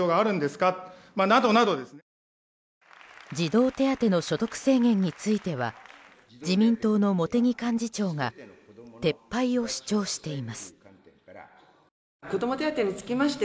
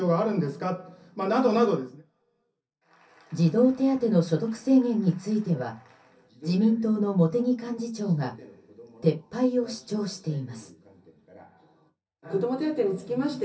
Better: first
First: none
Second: room echo; dies away in 0.3 s

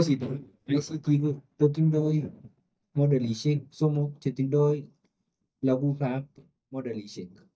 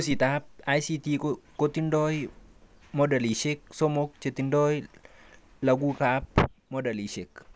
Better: second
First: noise reduction (neural mask model DeepFilterNet 3)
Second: none

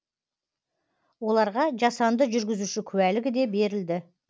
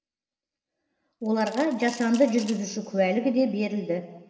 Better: first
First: none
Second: background sound (Coin (dropping) / Glass); 18 dB below the speech // room echo; dies away in 1.8 s

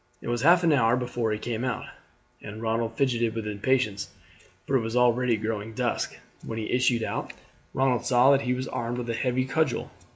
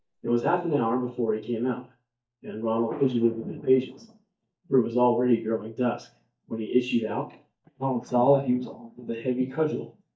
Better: first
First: none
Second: noise reduction (neural mask model DeepFilterNet 3)

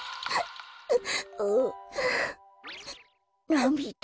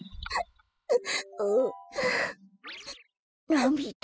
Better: first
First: none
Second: noise reduction (classical method spectral subtraction)

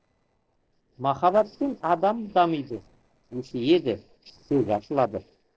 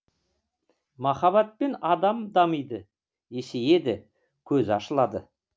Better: second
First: noise reduction (neural separator model SepFormer DNS4)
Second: none

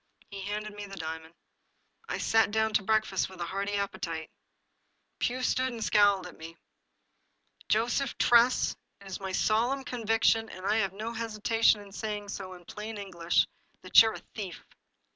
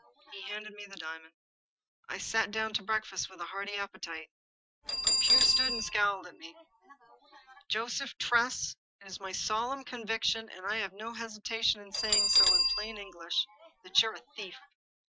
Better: first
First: none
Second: noise reduction (classical method Wiener filter)

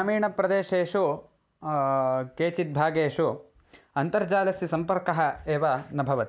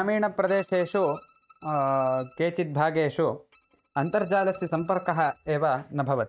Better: first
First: none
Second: noise reduction (neural mask model RNNoise)

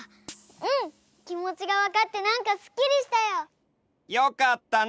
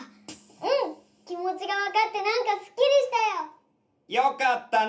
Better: first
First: none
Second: room echo; dies away in 0.3 s

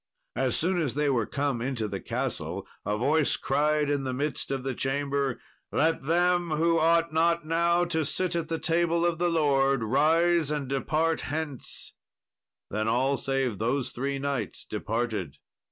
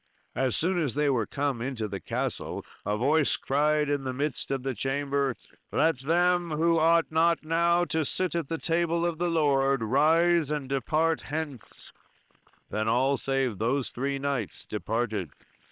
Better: first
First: none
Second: noise reduction (neural separator model SepFormer WHAM!)

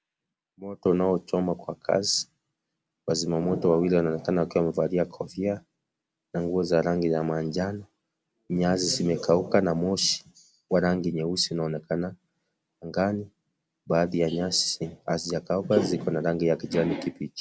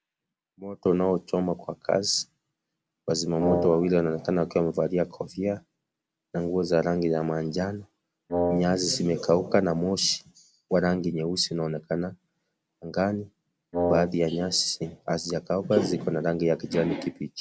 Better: first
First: none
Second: background sound (Wind instrument, woodwind instrument); 1 dB below the speech

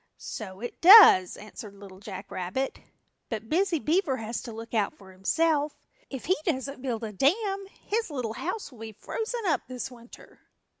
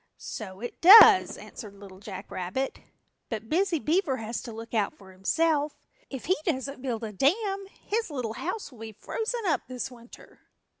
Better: first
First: none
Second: background sound (Fireworks); 8 dB below the speech

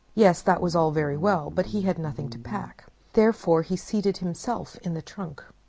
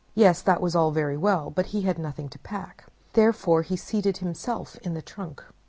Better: second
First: background sound (Guitar); 15 dB below the speech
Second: none

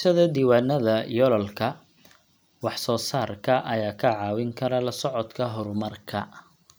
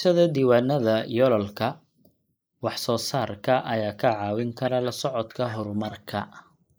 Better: first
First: none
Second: noise reduction (neural mask model Resemble Enhance denoiser)

